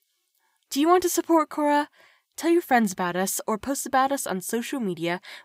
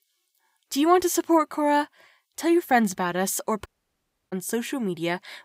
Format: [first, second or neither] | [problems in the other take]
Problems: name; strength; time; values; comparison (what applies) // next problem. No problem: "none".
first | audio cutting out; at 3.5 s for 0.5 s